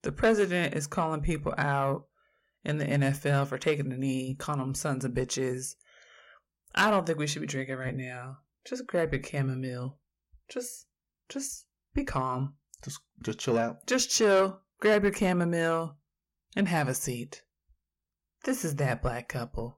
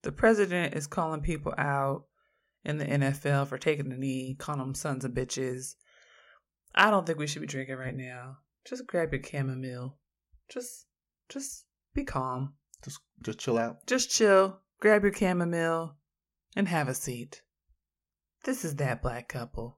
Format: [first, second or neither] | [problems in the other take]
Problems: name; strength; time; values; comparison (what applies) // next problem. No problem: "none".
second | distortion; slight; 10 dB below the speech